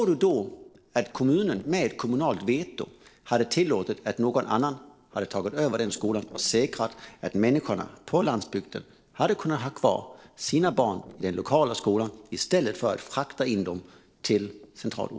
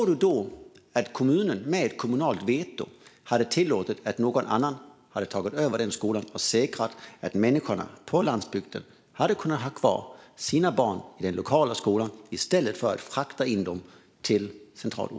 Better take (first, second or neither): second